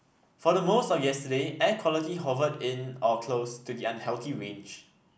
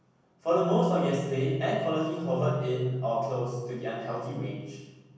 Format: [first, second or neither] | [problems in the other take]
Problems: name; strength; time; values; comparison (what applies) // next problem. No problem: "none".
first | room echo; dies away in 1.1 s